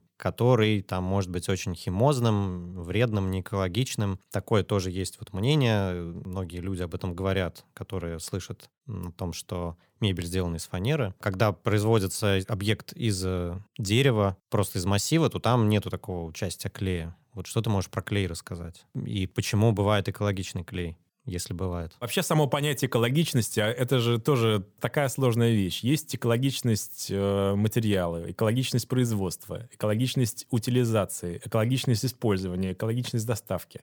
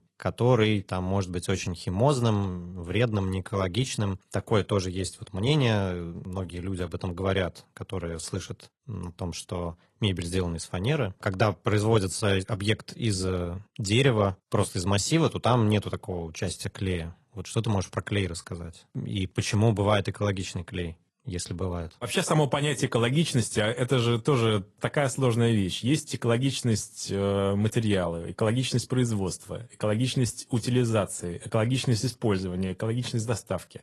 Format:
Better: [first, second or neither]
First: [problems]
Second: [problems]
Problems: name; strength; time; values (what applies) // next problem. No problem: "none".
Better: first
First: none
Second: garbled, watery; slightly